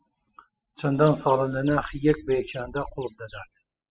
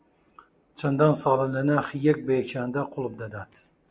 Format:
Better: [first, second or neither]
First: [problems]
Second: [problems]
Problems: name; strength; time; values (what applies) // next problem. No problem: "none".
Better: second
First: noise reduction (classical method spectral subtraction)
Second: none